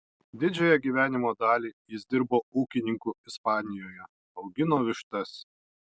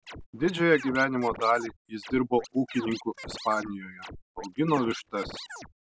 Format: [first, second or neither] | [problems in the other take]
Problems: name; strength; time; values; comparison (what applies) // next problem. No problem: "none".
first | background sound (Scratching (performance technique)); 15 dB below the speech